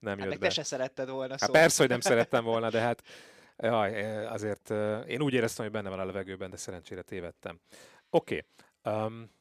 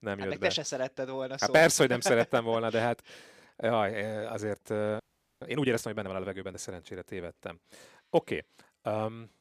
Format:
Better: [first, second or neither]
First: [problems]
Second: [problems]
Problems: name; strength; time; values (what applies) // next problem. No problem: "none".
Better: first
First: none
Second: audio freezing; at 5 s